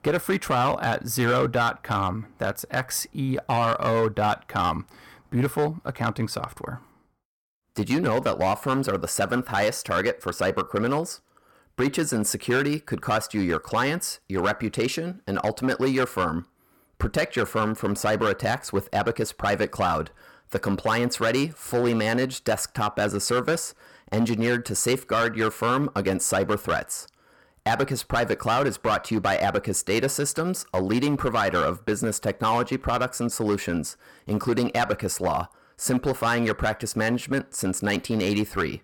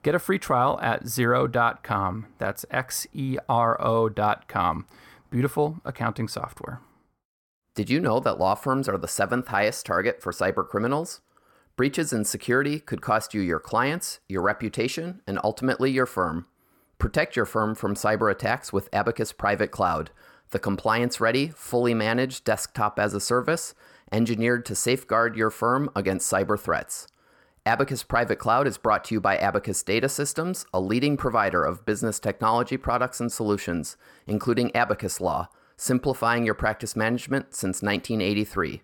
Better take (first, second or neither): second